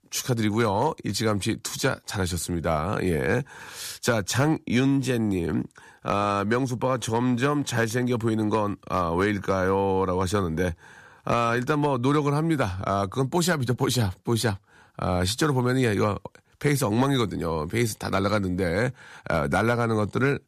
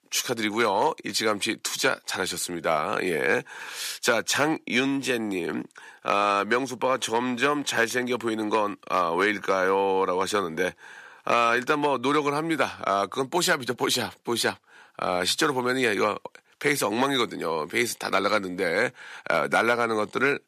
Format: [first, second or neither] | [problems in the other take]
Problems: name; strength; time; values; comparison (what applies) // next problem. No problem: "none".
first | thin; somewhat; fading below 300 Hz